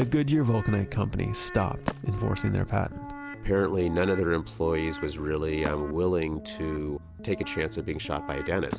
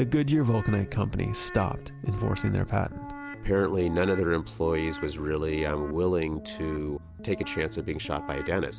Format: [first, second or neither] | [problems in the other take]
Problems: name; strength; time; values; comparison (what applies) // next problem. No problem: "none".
second | background sound (Wood); 18 dB below the speech